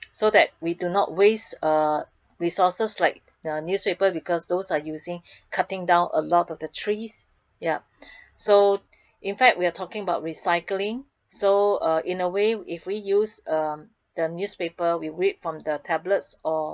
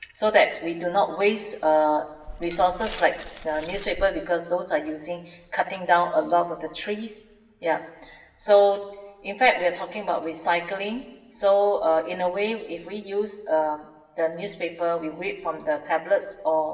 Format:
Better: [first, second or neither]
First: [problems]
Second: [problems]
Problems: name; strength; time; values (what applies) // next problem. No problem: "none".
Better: first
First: none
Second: background sound (Glass); 14 dB below the speech // room echo; dies away in 1.1 s